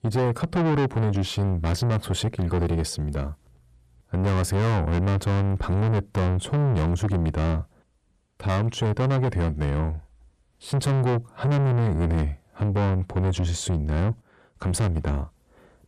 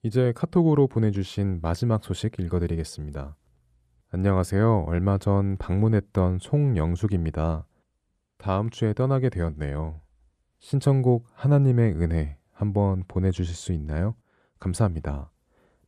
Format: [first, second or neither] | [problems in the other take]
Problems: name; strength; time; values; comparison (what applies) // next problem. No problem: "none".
second | distortion; heavy; 6 dB below the speech